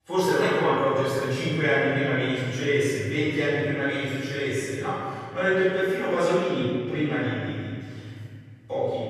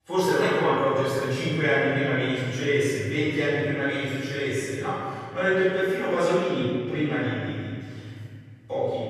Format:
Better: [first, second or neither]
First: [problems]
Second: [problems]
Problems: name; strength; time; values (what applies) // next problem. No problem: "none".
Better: neither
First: room echo; strong; dies away in 2.2 s // off-mic speech; far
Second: room echo; strong; dies away in 2.2 s // off-mic speech; far